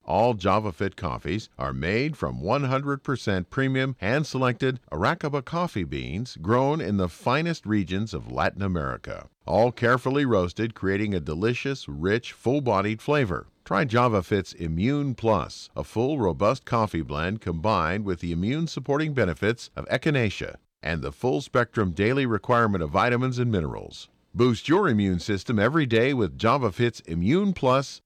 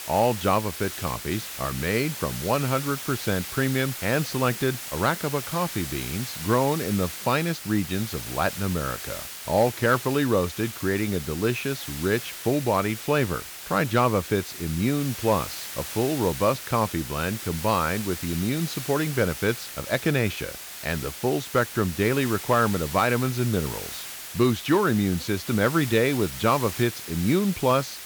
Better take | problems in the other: first | hiss; loud; throughout; 9 dB below the speech

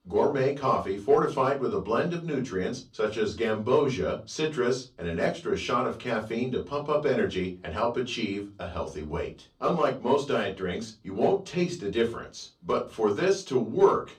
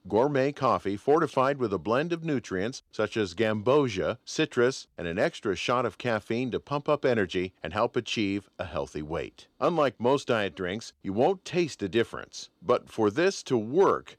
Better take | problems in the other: second | off-mic speech; far // room echo; very slight; dies away in 0.2 s

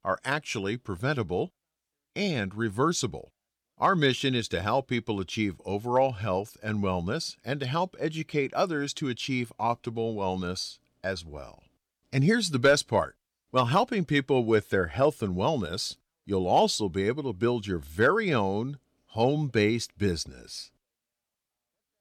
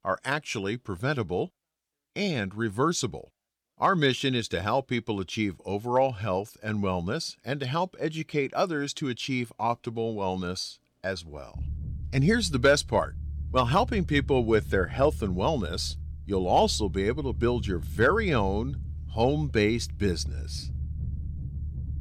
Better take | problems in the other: first | low rumble; faint; from 12 s on; 25 dB below the speech

